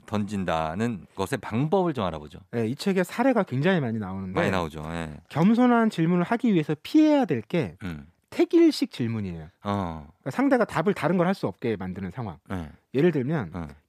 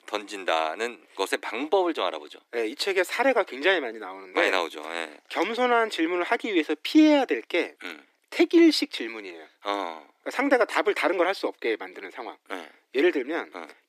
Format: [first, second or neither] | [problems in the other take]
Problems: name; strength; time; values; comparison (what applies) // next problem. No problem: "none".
first | thin; somewhat; fading below 300 Hz